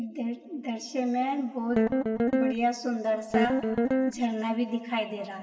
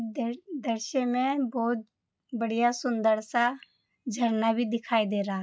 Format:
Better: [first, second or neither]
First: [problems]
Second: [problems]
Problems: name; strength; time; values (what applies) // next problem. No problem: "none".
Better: second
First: background sound (Guitar); 3 dB above the speech // room echo; dies away in 2.3 s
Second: none